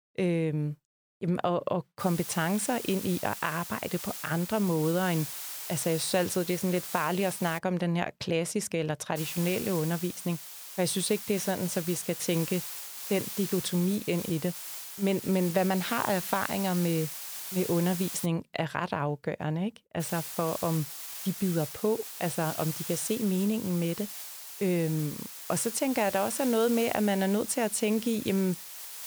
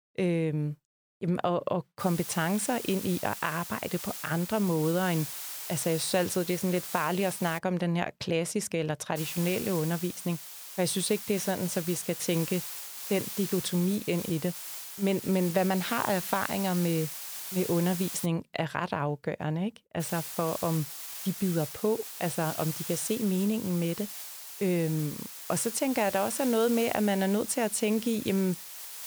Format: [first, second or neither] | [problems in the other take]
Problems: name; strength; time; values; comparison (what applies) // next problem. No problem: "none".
neither | hiss; loud; from 2 to 7.5 s, from 9 to 18 s and from 20 s on; 7 dB below the speech; the same in both